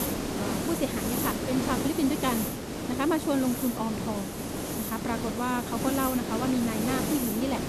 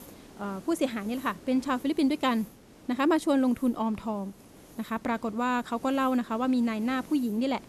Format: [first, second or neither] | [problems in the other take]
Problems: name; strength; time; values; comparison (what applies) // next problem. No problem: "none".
second | hiss; loud; throughout; 1 dB below the speech; faint in the second